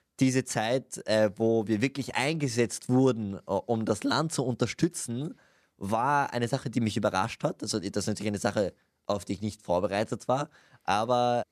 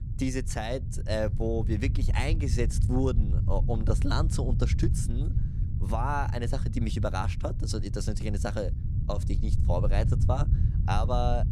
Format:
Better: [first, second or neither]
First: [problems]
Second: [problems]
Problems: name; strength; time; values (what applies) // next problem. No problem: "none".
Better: first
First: none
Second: low rumble; noticeable; throughout; 10 dB below the speech